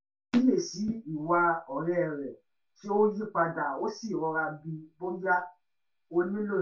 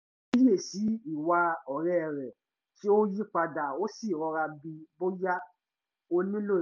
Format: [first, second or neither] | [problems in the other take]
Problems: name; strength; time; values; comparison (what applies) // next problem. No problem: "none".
second | room echo; dies away in 0.2 s